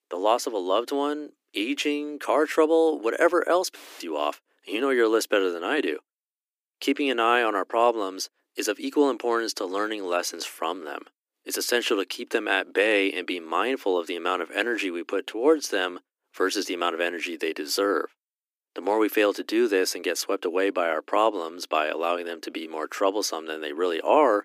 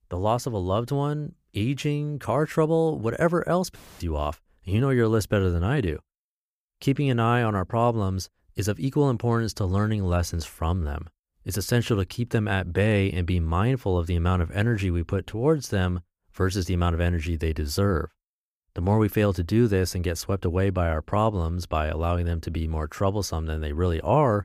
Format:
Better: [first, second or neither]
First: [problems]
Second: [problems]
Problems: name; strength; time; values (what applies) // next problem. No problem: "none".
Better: second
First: thin; somewhat; fading below 300 Hz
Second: none